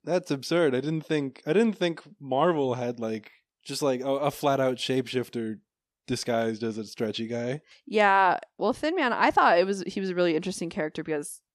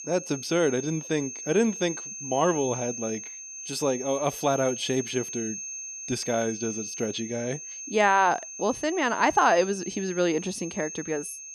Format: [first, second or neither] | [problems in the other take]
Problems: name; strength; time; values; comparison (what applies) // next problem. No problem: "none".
first | high-pitched whine; loud; throughout; 6.5 kHz, 9 dB below the speech